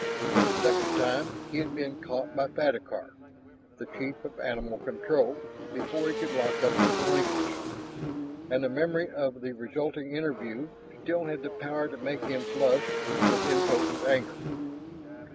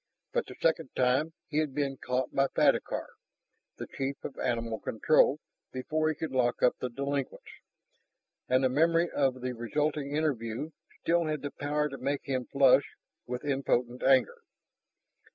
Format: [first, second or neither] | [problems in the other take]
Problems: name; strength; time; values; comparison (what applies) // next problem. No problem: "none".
second | background sound (Motorcycle / Engine); 1 dB below the speech